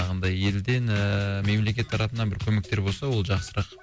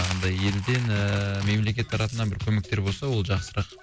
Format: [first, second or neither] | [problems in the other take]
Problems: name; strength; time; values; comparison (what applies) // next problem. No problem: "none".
first | background sound (Coin (dropping)); 16 dB below the speech